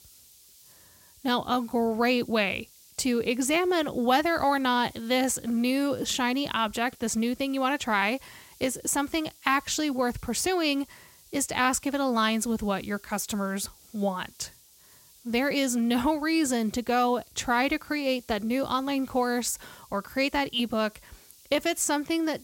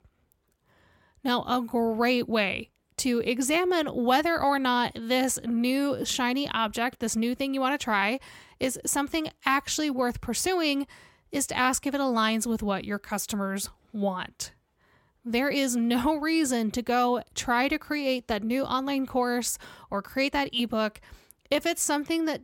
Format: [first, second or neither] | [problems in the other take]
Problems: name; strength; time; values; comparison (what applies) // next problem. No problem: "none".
second | hiss; faint; throughout; 25 dB below the speech